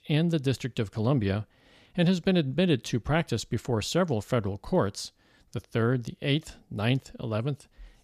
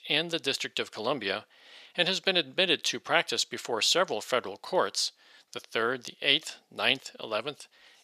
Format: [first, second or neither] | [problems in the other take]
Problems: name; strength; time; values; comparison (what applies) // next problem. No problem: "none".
first | thin; very; fading below 550 Hz